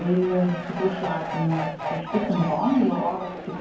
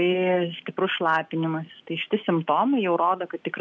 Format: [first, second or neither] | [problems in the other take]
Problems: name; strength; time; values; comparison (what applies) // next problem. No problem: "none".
second | background sound (Fowl); 8 dB below the speech // room echo; dies away in 0.9 s